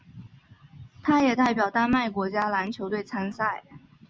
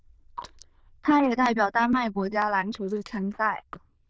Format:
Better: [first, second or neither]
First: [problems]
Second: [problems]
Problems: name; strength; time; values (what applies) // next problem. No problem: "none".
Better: first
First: none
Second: noise reduction (neural diffusion model UNIVERSE++)